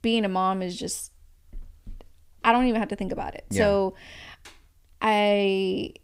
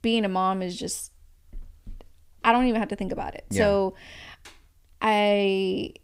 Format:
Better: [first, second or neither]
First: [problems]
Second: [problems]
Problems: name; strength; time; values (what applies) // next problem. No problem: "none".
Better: neither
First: none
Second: none